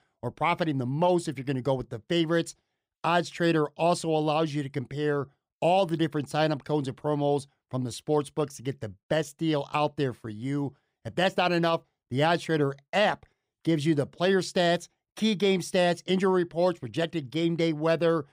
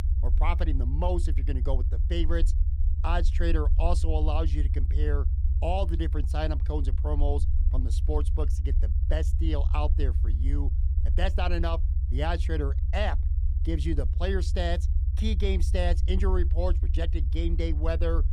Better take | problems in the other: first | low rumble; noticeable; throughout; 10 dB below the speech

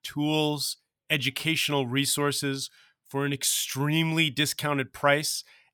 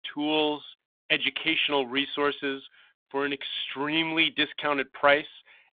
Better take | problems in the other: first | phone-call audio; nothing above 3.5 kHz

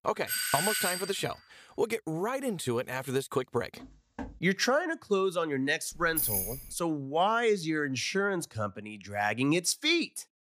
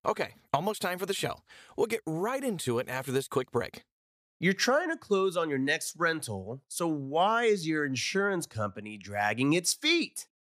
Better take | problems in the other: second | doorbell; loud; at 0.5 s; peak 2 dB above the speech // footsteps; faint; at 4 s; peak 15 dB below the speech // jangling keys; loud; at 6 s; peak 2 dB above the speech

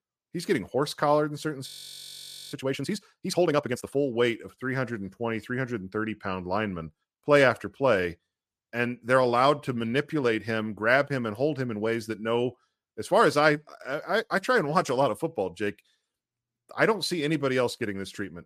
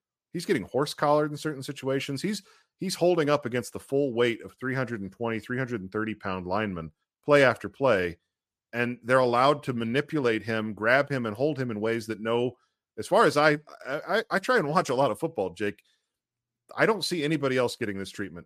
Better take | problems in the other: second | audio freezing; at 1.5 s for 1 s

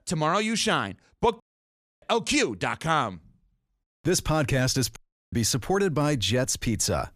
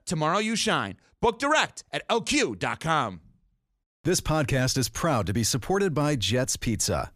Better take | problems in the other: second | audio cutting out; at 1.5 s for 0.5 s and at 5 s

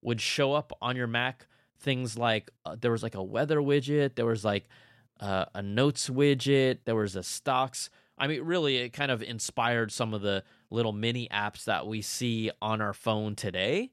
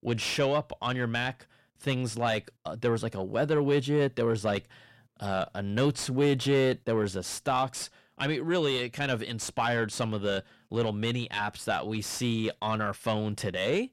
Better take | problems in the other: first | distortion; slight; 10 dB below the speech

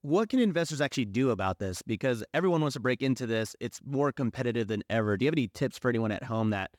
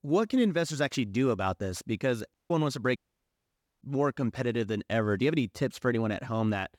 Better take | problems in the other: first | audio cutting out; at 2.5 s and at 3 s for 1 s

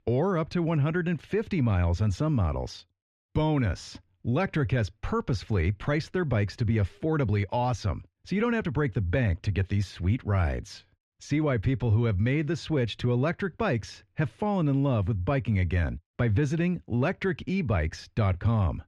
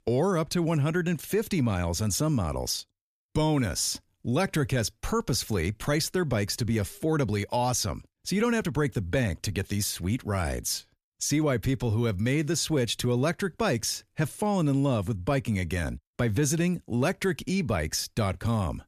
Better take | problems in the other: second | muffled; slightly; fading above 2.5 kHz

